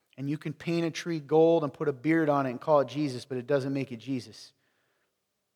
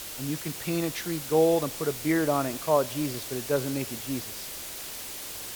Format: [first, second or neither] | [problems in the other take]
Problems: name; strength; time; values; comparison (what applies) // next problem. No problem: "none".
first | hiss; loud; throughout; 7 dB below the speech